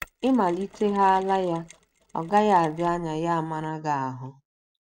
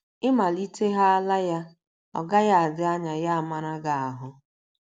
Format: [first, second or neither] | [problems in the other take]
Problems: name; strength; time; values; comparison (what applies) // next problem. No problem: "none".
second | noise reduction (neural mask model RNNoise)